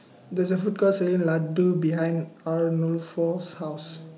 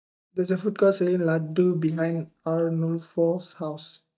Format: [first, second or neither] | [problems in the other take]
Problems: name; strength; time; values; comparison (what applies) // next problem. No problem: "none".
first | noise reduction (neural mask model DeepFilterNet 3)